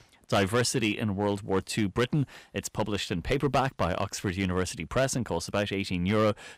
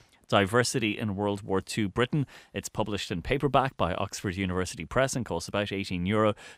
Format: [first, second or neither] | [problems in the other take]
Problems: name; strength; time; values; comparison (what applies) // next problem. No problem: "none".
second | distortion; slight; 4% of the sound clipped